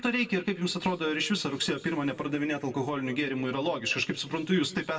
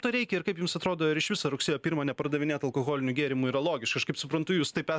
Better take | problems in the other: second | room echo; dies away in 1.4 s

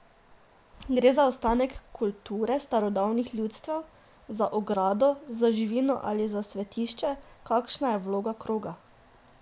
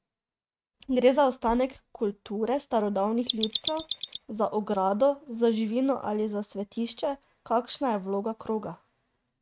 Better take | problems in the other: first | noise reduction (neural mask model RNNoise)

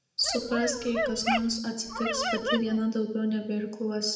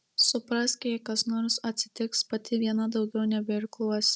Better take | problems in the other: second | background sound (Dog); 3 dB below the speech // room echo; dies away in 0.8 s

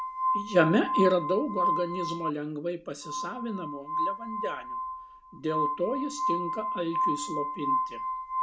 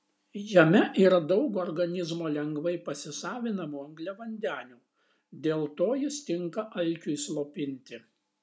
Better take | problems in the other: second | background sound (Glass); 1 dB below the speech

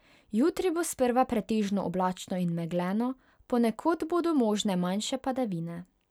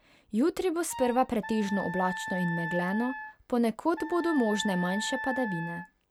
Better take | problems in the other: first | background sound (Wind instrument, woodwind instrument + Wind instrument, woodwind instrument); 8 dB below the speech

